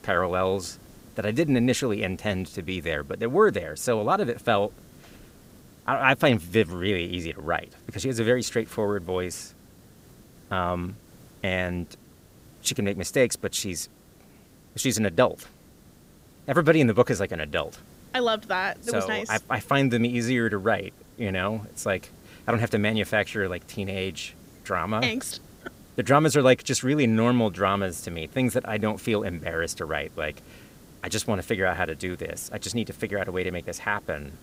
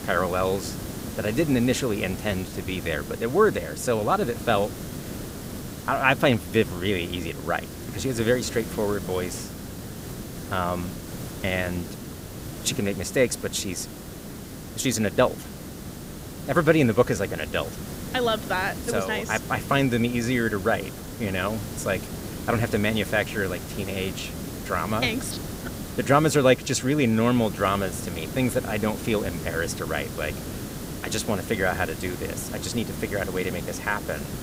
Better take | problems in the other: first | hiss; loud; throughout; 10 dB below the speech; faint in the first

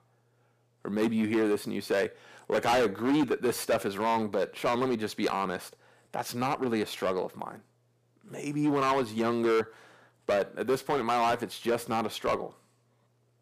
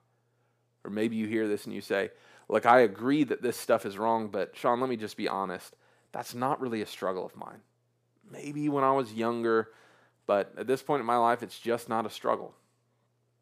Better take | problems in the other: second | distortion; heavy; 8% of the sound clipped

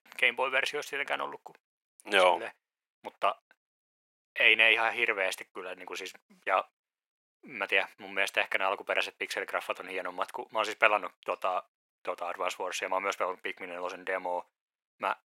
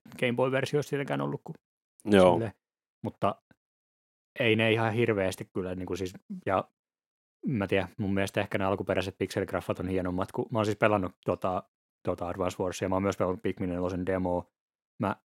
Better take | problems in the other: second | thin; very; fading below 800 Hz

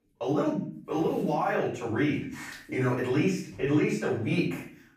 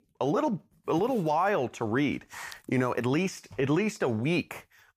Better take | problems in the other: second | room echo; noticeable; dies away in 0.5 s // off-mic speech; far

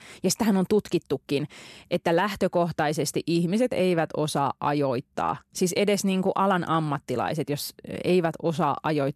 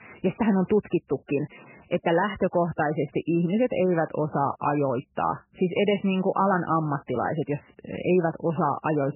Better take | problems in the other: first | garbled, watery; badly; nothing above 3 kHz

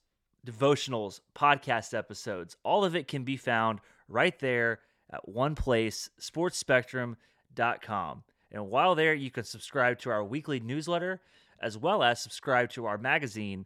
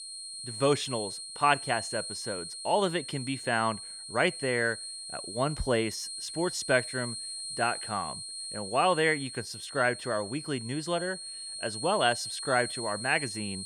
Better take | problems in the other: first | high-pitched whine; loud; throughout; 4 kHz, 7 dB below the speech

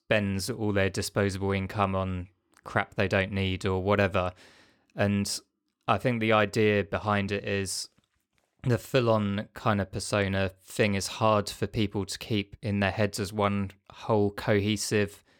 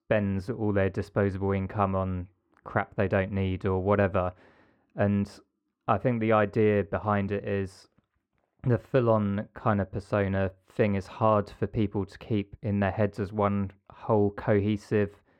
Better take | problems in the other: first | muffled; very; fading above 3 kHz

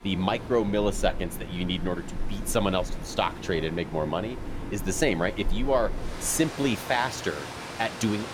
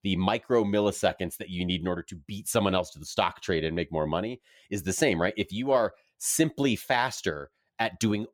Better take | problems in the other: second | rain or running water; loud; throughout; 10 dB below the speech

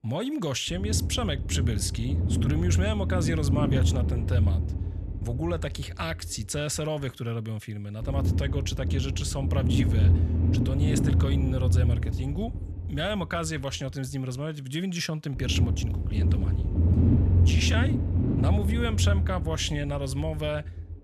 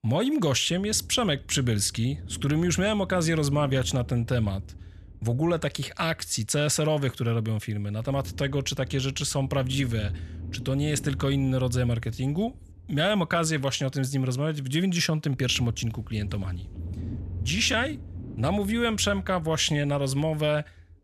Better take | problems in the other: second | low rumble; loud; throughout; 5 dB below the speech; faint in the second

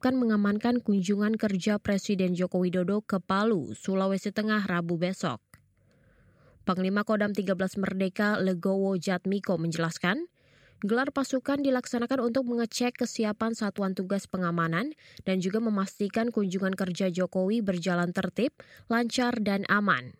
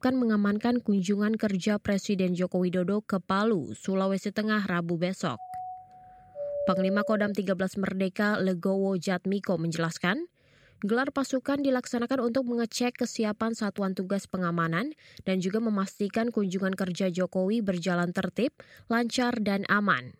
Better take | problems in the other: first | doorbell; noticeable; from 5.5 to 7.5 s; peak 3 dB below the speech

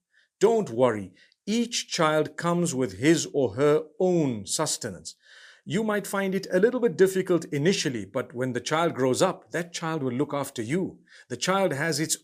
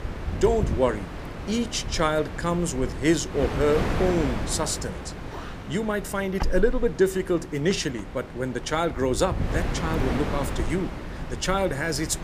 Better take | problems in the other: first | wind noise on the microphone; heavy; 9 dB below the speech

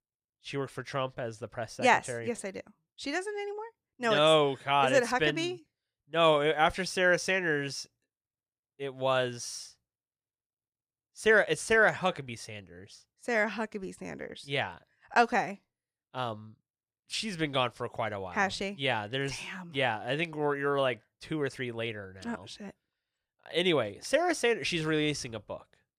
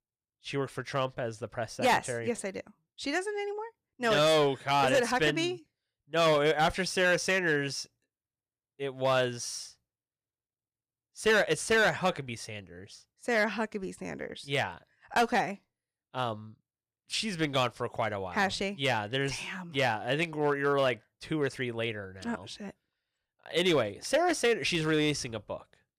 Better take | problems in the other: first | distortion; slight; 3% of the sound clipped

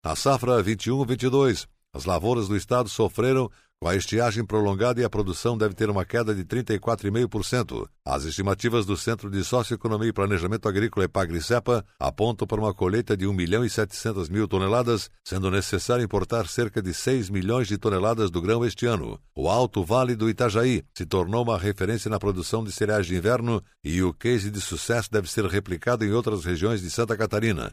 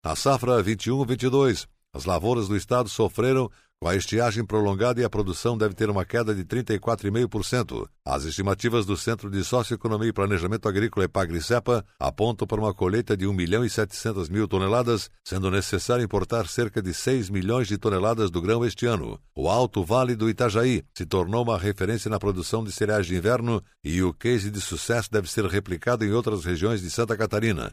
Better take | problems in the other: neither | none

